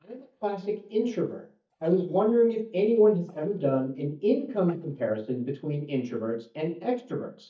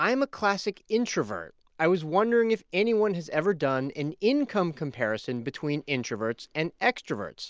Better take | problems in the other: second | noise reduction (neural mask model DeepFilterNet 3)

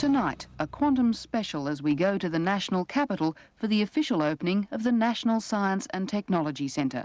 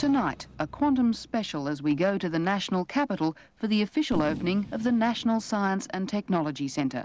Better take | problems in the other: first | background sound (Fireworks); 17 dB below the speech

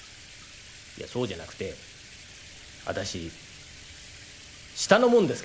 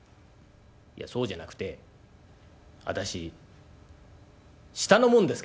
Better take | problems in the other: second | background sound (Bathtub (filling or washing)); 18 dB below the speech

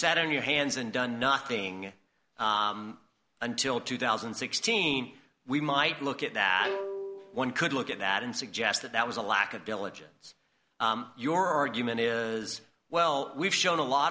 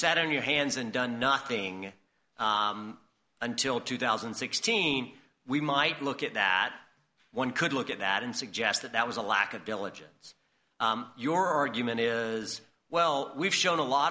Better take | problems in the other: second | background sound (Bowed string instrument); 10 dB below the speech

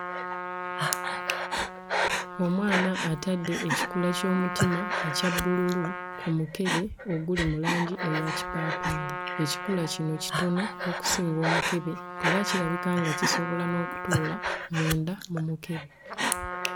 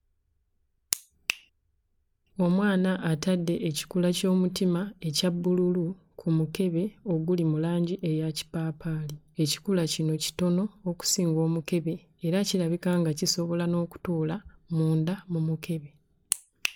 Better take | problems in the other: second | background sound (Trumpet + Breathing); 2 dB below the speech

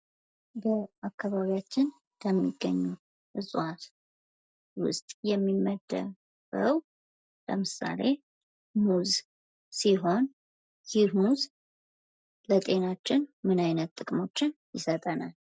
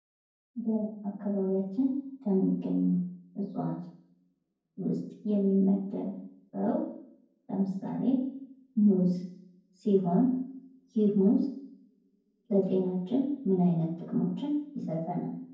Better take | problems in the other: first | room echo; dies away in 0.9 s

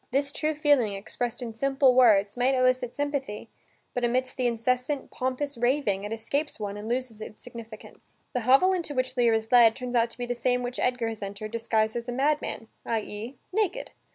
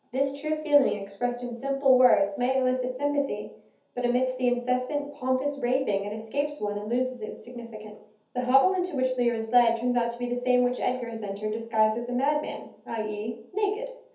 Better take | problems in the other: first | room echo; dies away in 0.5 s

